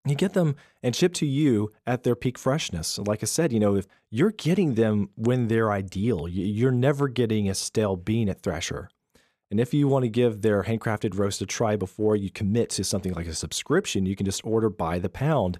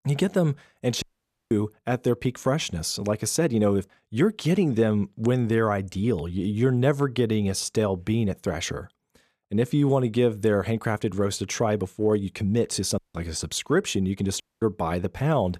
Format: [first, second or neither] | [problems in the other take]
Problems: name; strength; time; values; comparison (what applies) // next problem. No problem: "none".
first | audio cutting out; at 1 s, at 13 s and at 14 s